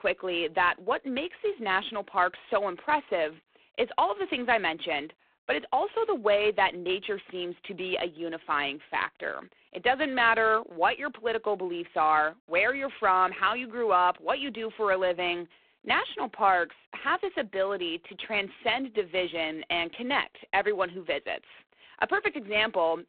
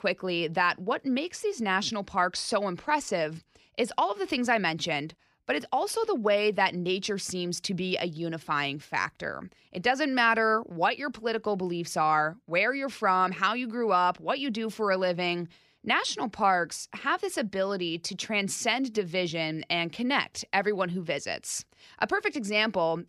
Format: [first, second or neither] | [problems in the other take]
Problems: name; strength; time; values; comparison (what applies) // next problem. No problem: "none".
second | phone-call audio; poor line